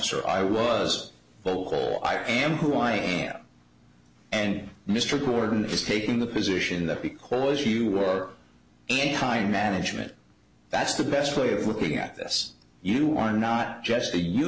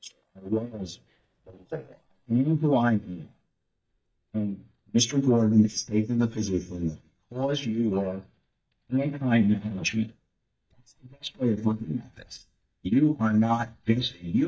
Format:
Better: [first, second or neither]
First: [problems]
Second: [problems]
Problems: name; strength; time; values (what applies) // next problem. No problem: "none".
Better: first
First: none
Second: noise reduction (neural mask model DeepFilterNet 3)